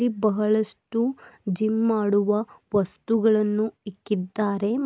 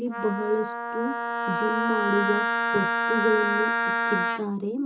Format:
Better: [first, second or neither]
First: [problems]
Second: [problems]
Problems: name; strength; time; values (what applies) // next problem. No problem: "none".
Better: first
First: none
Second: background sound (Wind instrument, woodwind instrument); 2 dB above the speech // room echo; dies away in 0.2 s